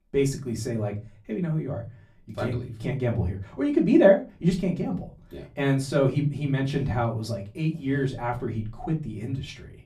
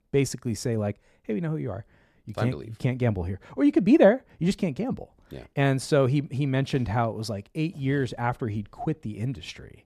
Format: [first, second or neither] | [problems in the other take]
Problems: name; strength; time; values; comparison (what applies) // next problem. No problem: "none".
second | off-mic speech; far // room echo; very slight; dies away in 0.3 s